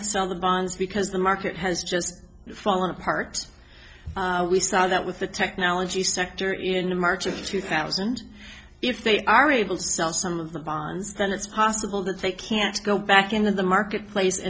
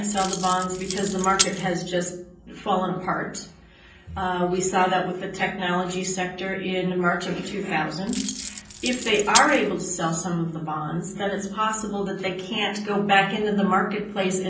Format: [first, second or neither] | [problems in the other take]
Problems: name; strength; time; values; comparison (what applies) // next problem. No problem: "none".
first | background sound (Keys jangling); 5 dB below the speech // room echo; dies away in 0.6 s